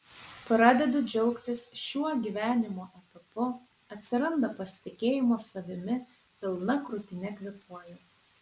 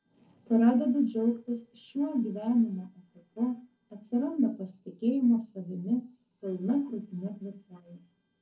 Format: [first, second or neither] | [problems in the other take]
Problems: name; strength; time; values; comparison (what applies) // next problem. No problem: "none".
first | noise reduction (neural separator model SepFormer DNS4)